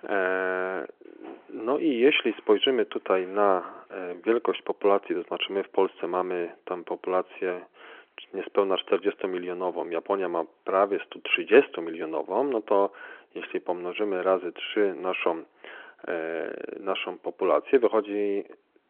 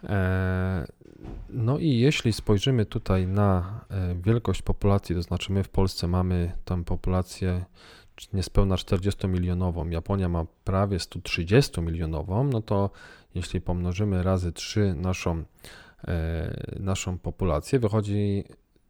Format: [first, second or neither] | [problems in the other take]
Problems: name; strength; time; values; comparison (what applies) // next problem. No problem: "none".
second | phone-call audio; nothing above 3 kHz